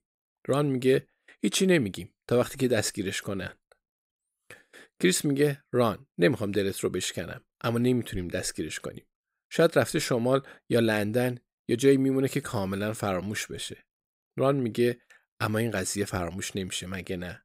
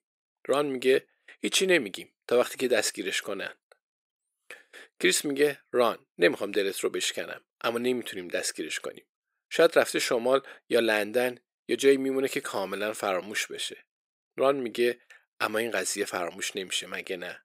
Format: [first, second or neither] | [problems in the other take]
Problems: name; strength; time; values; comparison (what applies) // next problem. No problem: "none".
first | thin; somewhat; fading below 400 Hz